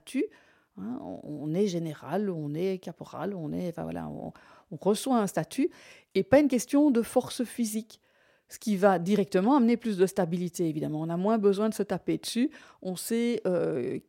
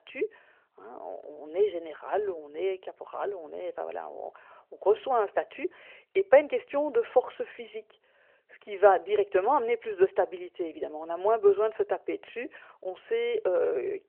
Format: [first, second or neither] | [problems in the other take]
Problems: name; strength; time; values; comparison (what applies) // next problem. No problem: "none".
first | phone-call audio; nothing above 3 kHz